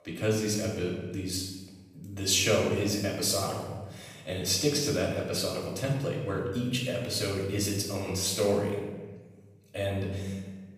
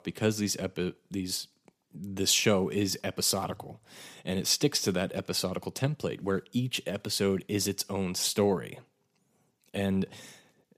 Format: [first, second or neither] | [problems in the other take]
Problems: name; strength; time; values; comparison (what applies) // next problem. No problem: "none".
second | off-mic speech; far // room echo; noticeable; dies away in 1.1 s